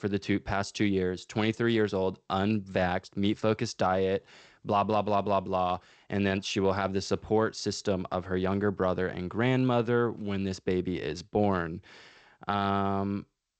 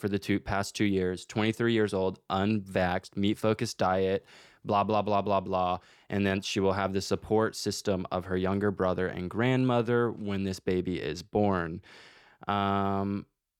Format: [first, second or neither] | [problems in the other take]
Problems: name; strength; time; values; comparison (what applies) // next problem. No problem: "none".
second | garbled, watery; slightly; nothing above 7.5 kHz